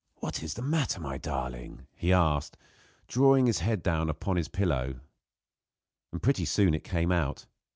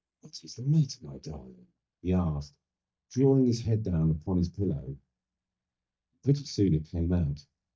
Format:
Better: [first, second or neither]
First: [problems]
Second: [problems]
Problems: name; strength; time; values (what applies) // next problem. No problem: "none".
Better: first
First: none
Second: noise reduction (neural mask model DeepFilterNet 3)